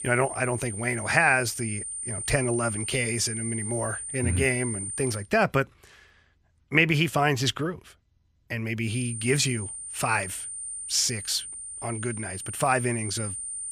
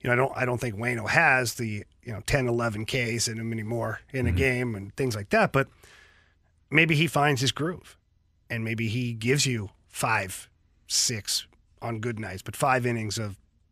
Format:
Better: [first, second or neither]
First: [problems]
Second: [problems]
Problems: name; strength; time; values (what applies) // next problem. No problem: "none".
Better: second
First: high-pitched whine; loud; until 5 s and from 9 s on; 9 kHz, 7 dB below the speech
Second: none